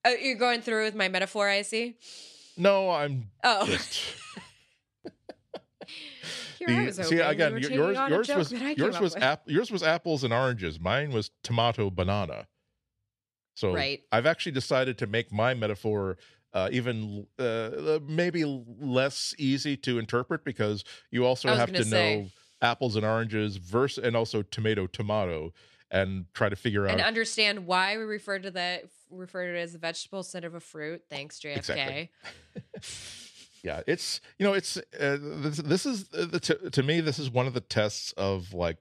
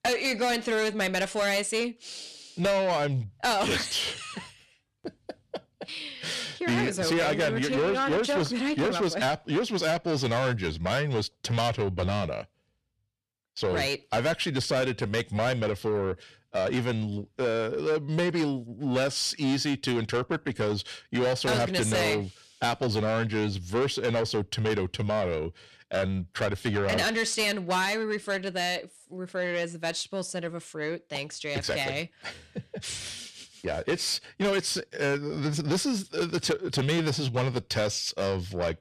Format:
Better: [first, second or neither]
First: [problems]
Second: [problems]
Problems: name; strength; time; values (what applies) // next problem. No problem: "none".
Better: first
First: none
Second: distortion; heavy; 7 dB below the speech